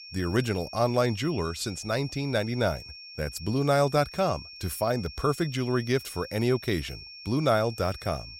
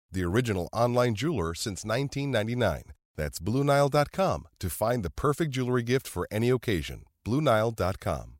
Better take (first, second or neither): second